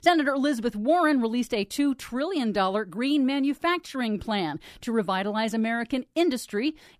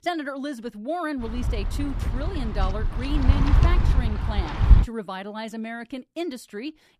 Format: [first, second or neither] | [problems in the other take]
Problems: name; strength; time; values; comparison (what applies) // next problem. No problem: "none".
first | wind noise on the microphone; heavy; from 1 to 5 s; 3 dB below the speech